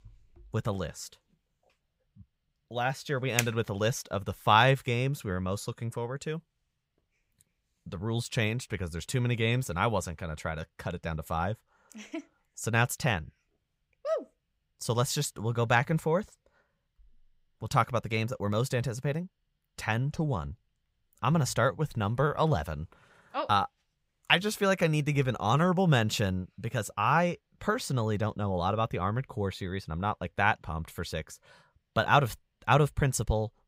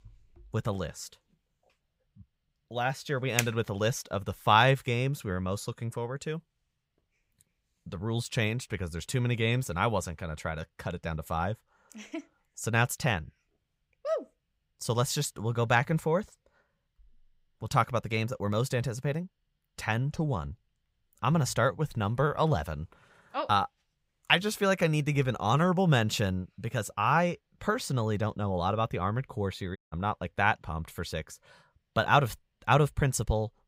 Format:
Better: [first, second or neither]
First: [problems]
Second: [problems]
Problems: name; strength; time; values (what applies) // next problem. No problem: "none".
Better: first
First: none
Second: audio cutting out; at 30 s